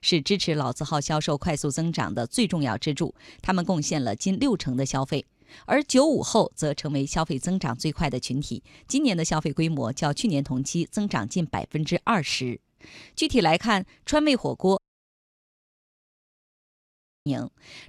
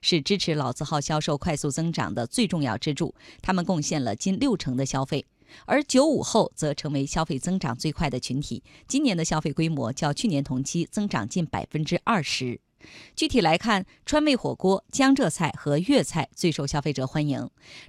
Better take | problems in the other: second | audio cutting out; at 15 s for 2.5 s

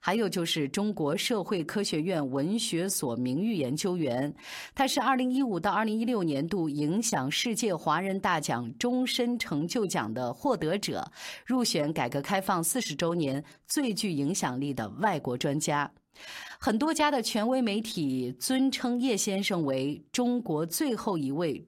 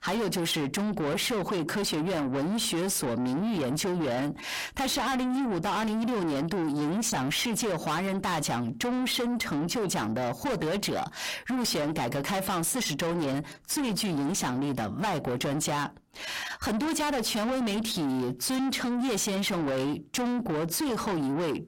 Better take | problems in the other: first | distortion; heavy; 6 dB below the speech

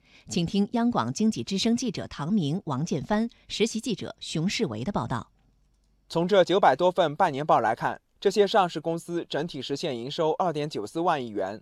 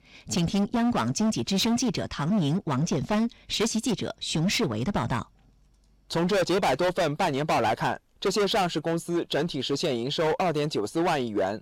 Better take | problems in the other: first | distortion; heavy; 19% of the sound clipped

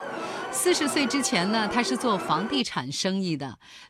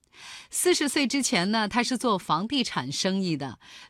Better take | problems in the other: second | alarm; noticeable; until 2.5 s; peak 6 dB below the speech

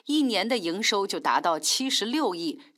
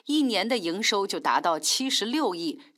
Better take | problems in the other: neither | thin; very slightly; fading below 250 Hz; the same in both

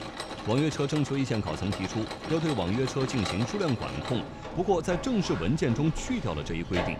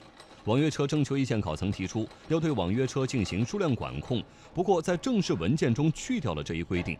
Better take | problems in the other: second | machinery noise; loud; throughout; 8 dB below the speech; faint in the second

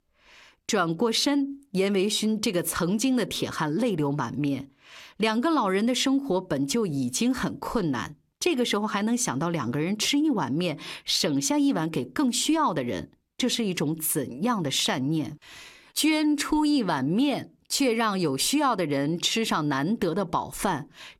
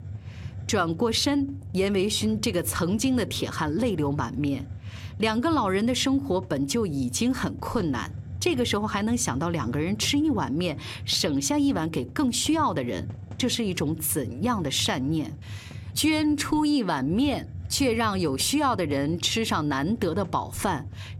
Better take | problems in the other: first | hiss; noticeable; throughout; 15 dB below the speech

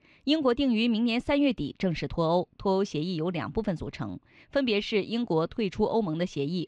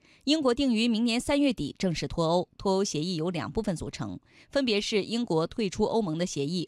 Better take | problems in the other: second | muffled; very slightly; fading above 3 kHz

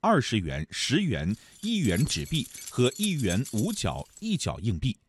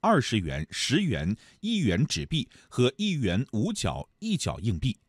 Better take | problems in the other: second | jangling keys; noticeable; from 1.5 to 4 s; peak 7 dB below the speech

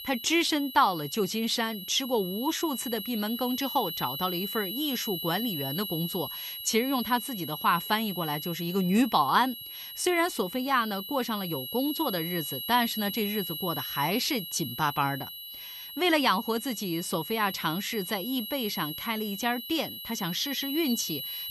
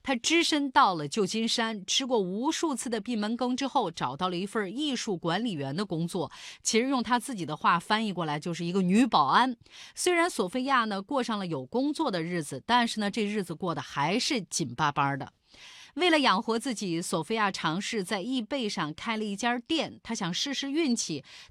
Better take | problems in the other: second | high-pitched whine; loud; throughout; 3 kHz, 7 dB below the speech

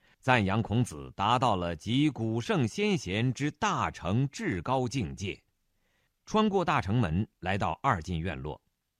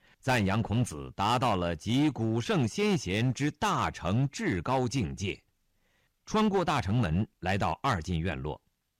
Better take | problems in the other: first | distortion; slight; 6% of the sound clipped

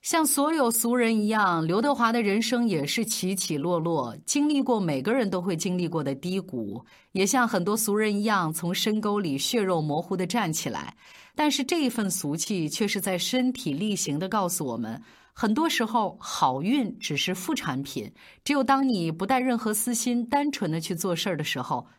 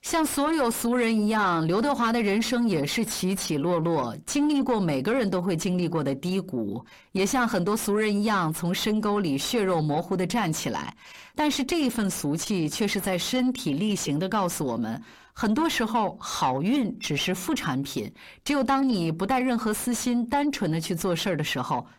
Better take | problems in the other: first | distortion; slight; 10 dB below the speech

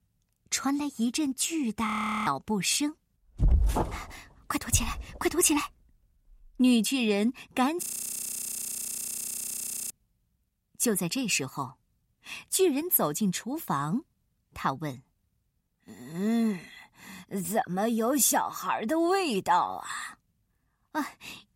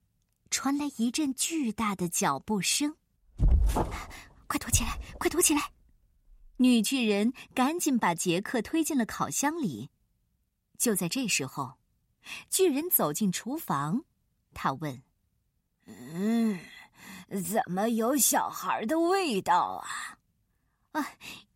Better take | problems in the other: second | audio freezing; at 2 s and at 8 s for 2 s

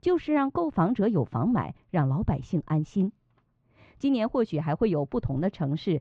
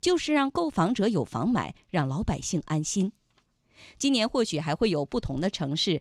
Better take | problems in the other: second | muffled; very; fading above 1.5 kHz

